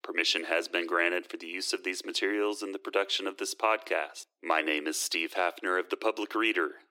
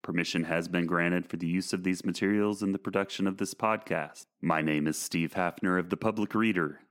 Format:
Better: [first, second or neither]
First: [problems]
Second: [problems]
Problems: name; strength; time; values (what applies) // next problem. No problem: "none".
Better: second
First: thin; very; fading below 350 Hz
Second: none